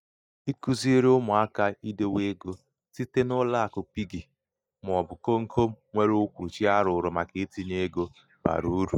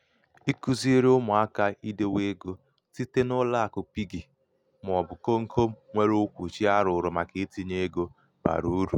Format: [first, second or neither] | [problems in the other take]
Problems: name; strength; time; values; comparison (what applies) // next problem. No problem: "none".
second | noise reduction (neural mask model DeepFilterNet 3)